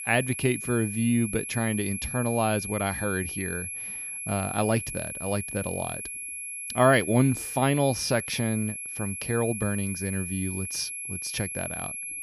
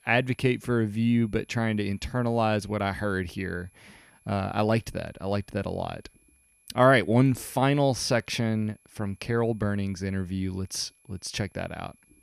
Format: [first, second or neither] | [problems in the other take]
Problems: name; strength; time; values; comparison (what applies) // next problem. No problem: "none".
second | high-pitched whine; loud; throughout; 11 kHz, 5 dB below the speech; faint in the second